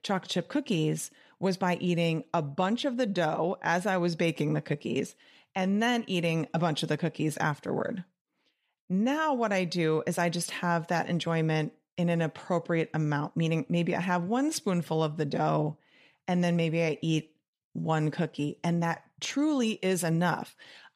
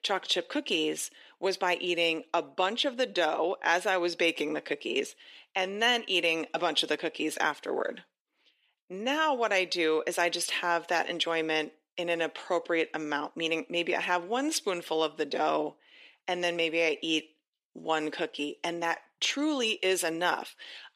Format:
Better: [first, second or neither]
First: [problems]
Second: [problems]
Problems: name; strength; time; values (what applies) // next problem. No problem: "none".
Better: first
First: none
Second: thin; somewhat; fading below 350 Hz